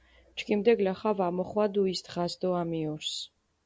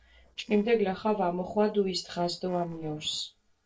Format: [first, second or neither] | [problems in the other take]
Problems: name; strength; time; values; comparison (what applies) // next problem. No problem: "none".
first | noise reduction (neural separator model SepFormer DNS4)